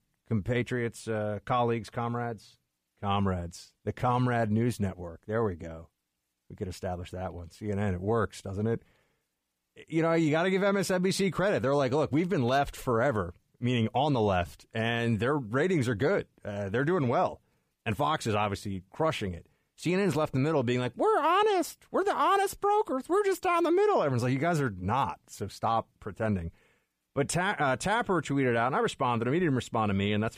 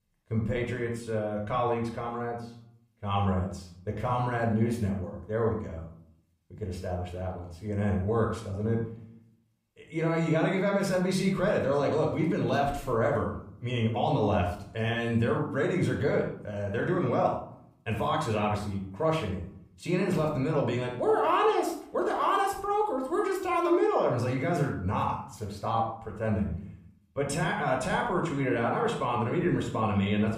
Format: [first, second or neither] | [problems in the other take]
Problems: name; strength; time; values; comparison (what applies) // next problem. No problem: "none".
first | off-mic speech; somewhat distant // room echo; noticeable; dies away in 0.5 s